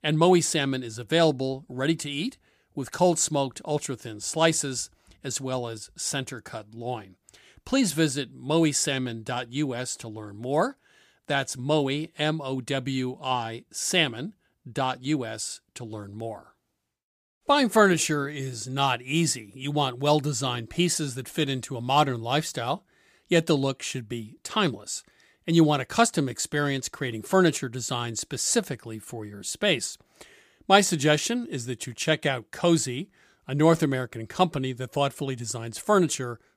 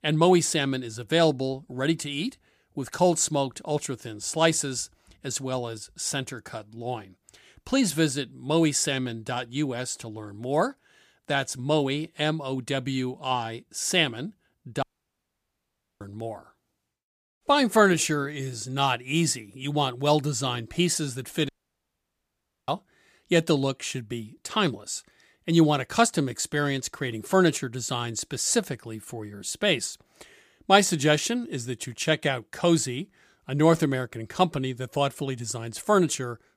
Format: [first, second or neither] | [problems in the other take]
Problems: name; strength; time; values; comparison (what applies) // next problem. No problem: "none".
first | audio cutting out; at 15 s for 1 s and at 21 s for 1 s